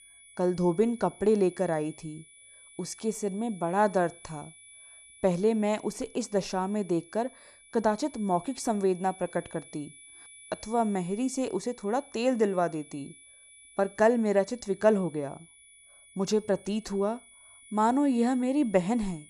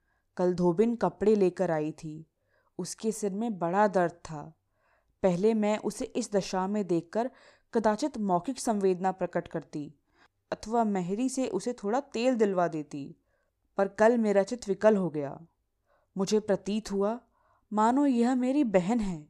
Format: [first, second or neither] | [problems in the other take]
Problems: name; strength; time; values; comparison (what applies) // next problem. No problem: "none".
second | high-pitched whine; faint; throughout; 10 kHz, 20 dB below the speech